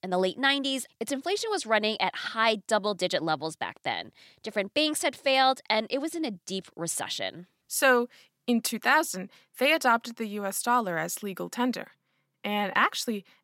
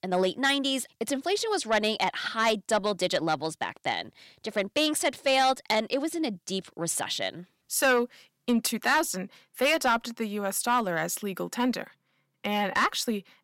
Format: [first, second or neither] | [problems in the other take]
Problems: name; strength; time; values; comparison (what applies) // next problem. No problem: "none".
first | distortion; slight; 10 dB below the speech